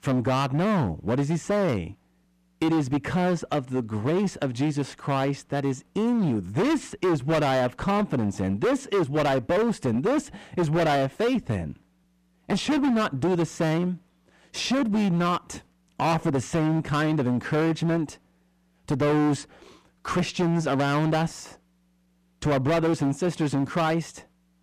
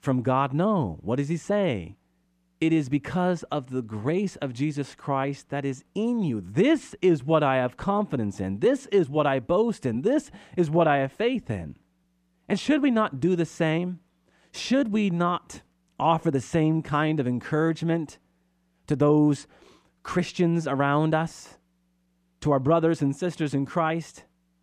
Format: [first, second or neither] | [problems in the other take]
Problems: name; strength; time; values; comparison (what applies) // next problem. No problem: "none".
second | distortion; heavy; 18% of the sound clipped